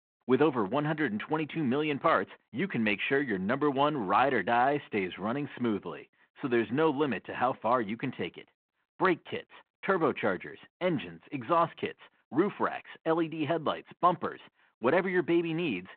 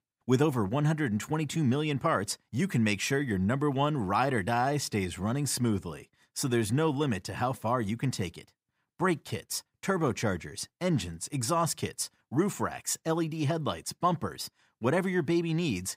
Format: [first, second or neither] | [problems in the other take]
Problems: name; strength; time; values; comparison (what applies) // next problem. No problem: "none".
second | phone-call audio